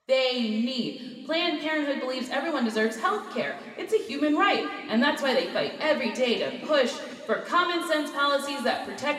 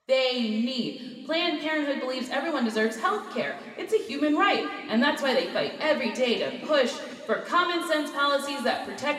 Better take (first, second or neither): neither